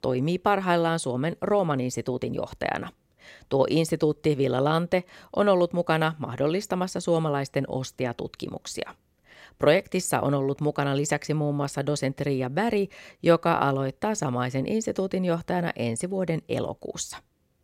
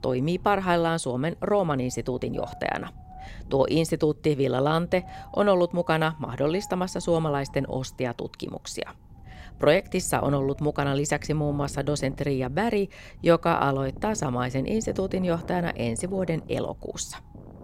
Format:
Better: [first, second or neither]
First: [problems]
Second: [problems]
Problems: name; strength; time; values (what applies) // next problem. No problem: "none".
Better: first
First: none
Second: wind noise on the microphone; occasional gusts; 20 dB below the speech